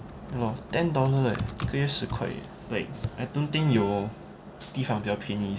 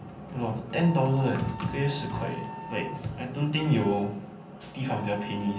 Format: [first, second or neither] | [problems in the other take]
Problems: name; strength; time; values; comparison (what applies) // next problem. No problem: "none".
first | background sound (Wind instrument, woodwind instrument); 15 dB below the speech // room echo; dies away in 0.6 s